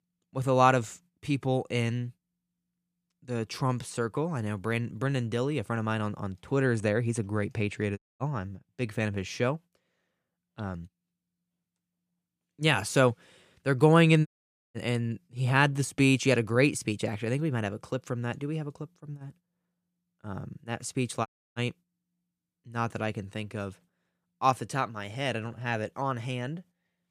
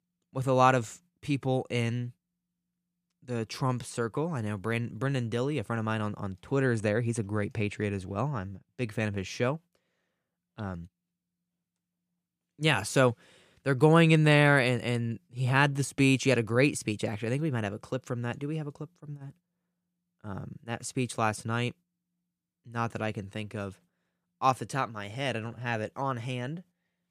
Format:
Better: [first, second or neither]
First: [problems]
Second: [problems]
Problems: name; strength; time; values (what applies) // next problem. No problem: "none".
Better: second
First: audio cutting out; at 8 s, at 14 s and at 21 s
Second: none